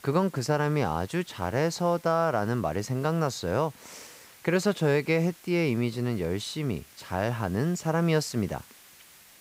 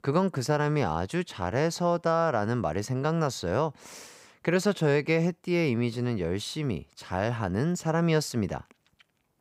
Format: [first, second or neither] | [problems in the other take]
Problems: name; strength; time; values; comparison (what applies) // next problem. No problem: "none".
second | hiss; faint; throughout; 25 dB below the speech